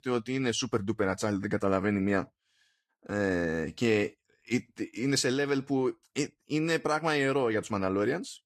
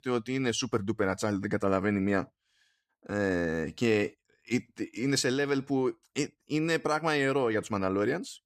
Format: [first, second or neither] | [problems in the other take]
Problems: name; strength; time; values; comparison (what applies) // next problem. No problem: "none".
second | garbled, watery; slightly; nothing above 12.5 kHz